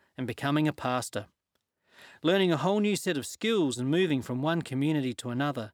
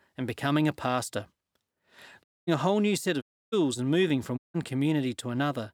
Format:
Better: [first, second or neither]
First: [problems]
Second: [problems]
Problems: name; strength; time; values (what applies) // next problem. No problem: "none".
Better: first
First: none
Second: audio cutting out; at 2 s, at 3 s and at 4.5 s